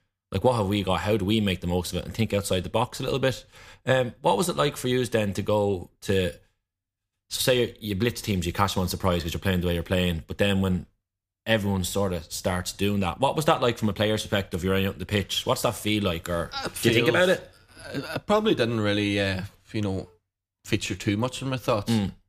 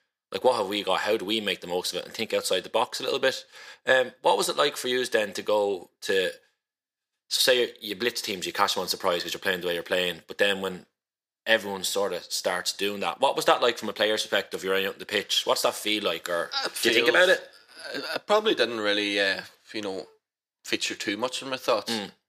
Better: first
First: none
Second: thin; somewhat; fading below 450 Hz

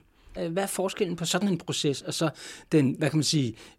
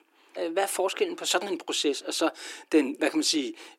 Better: first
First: none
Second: thin; somewhat; fading below 300 Hz

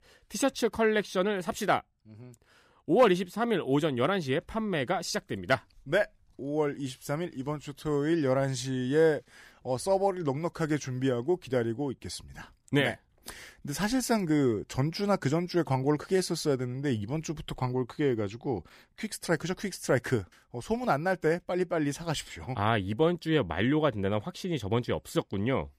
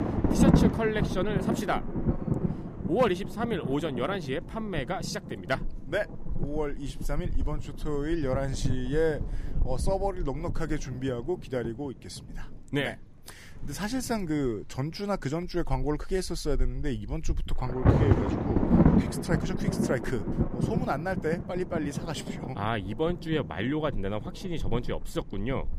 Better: first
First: none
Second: wind noise on the microphone; heavy; 3 dB below the speech

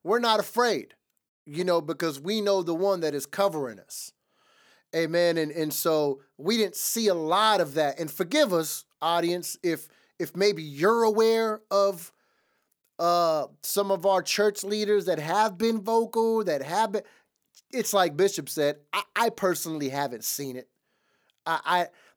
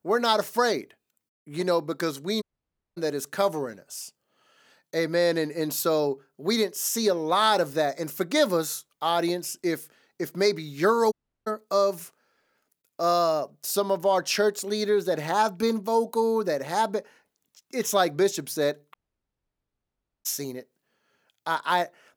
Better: first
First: none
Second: audio cutting out; at 2.5 s for 0.5 s, at 11 s and at 19 s for 1.5 s

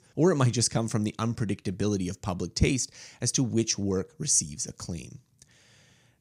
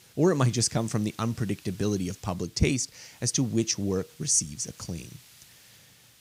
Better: first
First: none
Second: hiss; faint; throughout; 25 dB below the speech

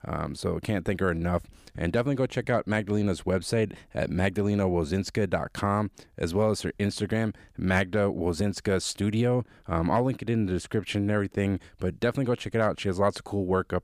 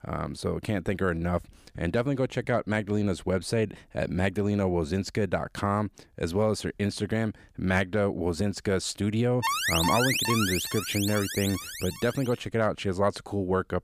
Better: first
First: none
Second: alarm; loud; from 9.5 to 12 s; peak 3 dB above the speech

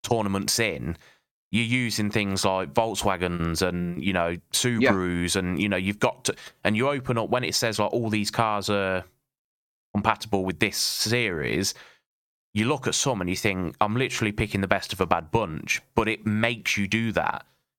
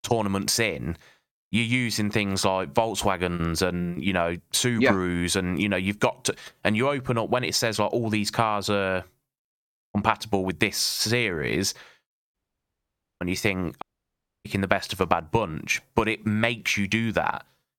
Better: first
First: none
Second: audio cutting out; at 12 s for 1 s and at 14 s for 0.5 s

